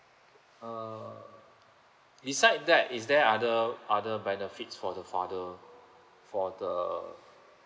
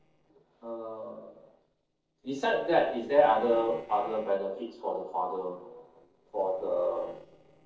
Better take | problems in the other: first | noise reduction (neural separator model SepFormer DNS4)

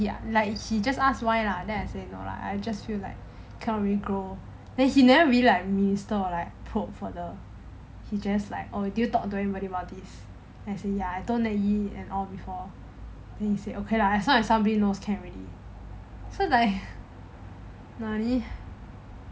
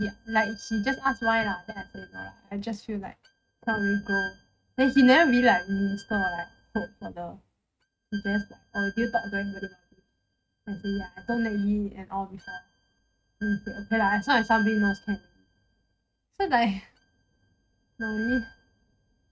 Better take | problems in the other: first | noise reduction (neural mask model RNNoise)

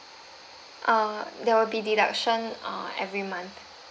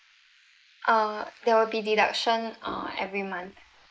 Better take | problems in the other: first | noise reduction (neural mask model Resemble Enhance denoiser)

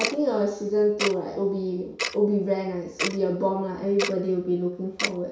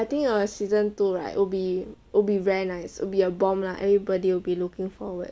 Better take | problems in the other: second | background sound (Tick-tock); 9 dB below the speech // room echo; dies away in 0.6 s

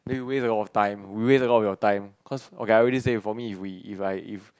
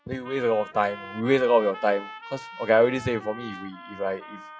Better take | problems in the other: first | noise reduction (classical method WPE with log-MMSE)

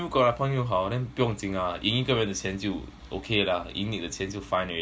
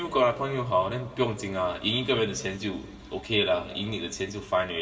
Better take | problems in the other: first | room echo; dies away in 1.5 s

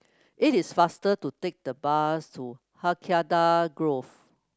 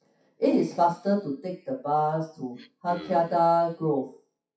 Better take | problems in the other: first | noise reduction (classical method WPE with log-MMSE)

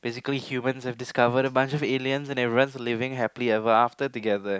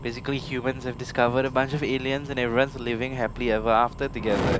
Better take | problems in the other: first | background sound (Fire); 9 dB below the speech

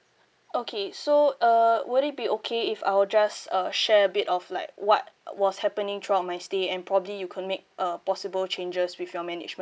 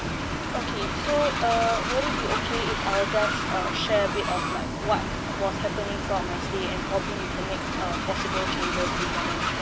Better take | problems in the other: first | background sound (Train + Bus); 2 dB above the speech

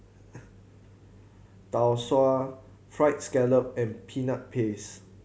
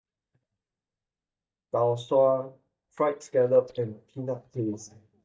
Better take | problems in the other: first | noise reduction (neural mask model DeepFilterNet 3)

